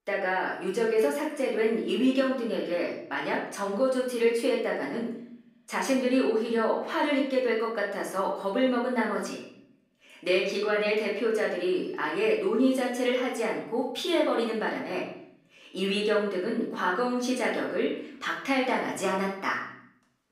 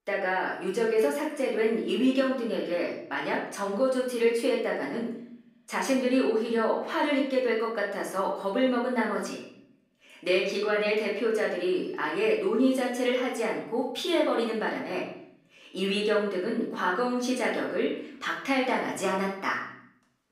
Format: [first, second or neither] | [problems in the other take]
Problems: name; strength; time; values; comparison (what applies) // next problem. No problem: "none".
neither | room echo; noticeable; dies away in 0.6 s; the same in both // off-mic speech; far; the same in both